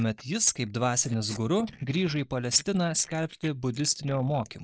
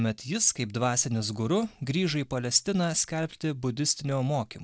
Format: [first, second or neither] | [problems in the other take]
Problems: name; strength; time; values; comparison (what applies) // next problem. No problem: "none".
second | noise reduction (neural mask model Resemble Enhance denoiser)